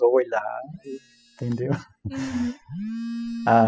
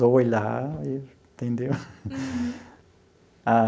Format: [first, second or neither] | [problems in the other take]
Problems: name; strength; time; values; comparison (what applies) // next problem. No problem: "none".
second | noise reduction (classical method spectral subtraction)